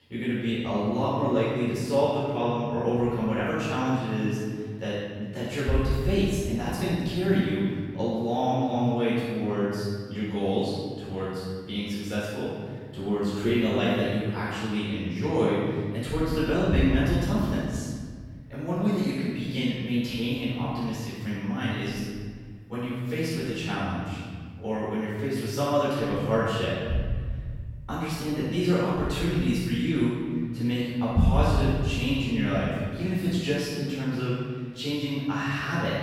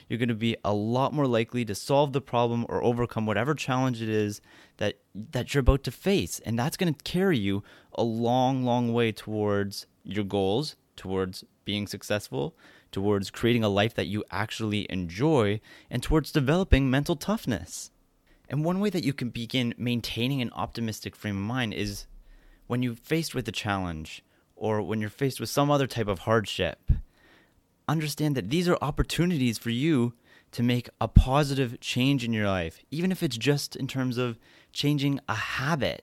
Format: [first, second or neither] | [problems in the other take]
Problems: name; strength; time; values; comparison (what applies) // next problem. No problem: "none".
second | off-mic speech; far // room echo; strong; dies away in 1.9 s